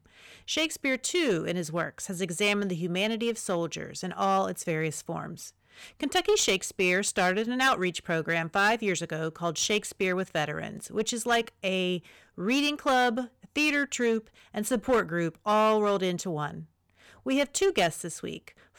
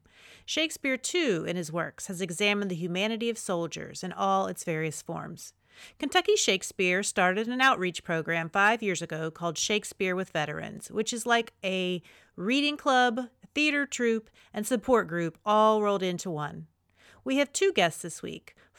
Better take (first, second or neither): second